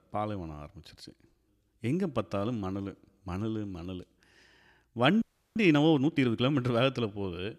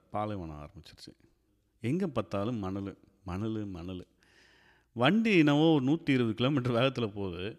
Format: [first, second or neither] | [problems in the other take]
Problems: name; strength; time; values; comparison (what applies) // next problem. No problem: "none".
second | audio freezing; at 5 s